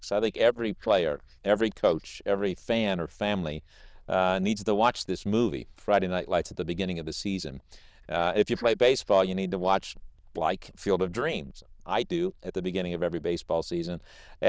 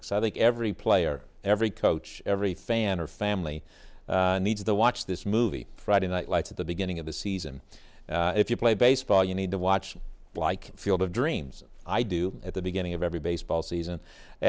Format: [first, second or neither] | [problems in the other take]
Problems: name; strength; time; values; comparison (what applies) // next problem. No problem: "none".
second | noise reduction (neural diffusion model UNIVERSE++)